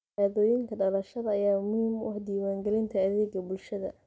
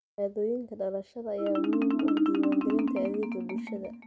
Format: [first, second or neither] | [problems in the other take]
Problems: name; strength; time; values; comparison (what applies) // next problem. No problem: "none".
first | background sound (Marimba, xylophone); 3 dB above the speech